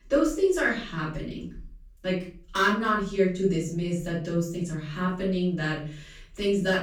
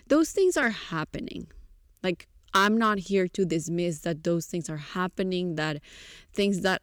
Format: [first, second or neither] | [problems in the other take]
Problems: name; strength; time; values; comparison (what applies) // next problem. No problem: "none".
second | off-mic speech; far // room echo; noticeable; dies away in 0.4 s